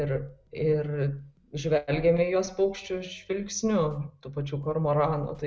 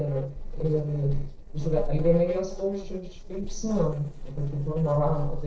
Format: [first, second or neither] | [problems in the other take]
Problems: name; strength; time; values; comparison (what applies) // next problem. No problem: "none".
first | noise reduction (neural separator model SepFormer DNS4)